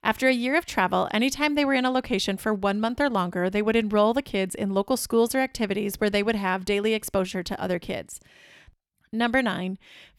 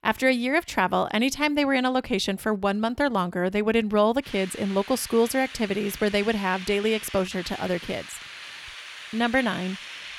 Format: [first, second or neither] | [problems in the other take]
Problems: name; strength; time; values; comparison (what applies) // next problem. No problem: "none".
first | hiss; noticeable; from 4.5 s on; 15 dB below the speech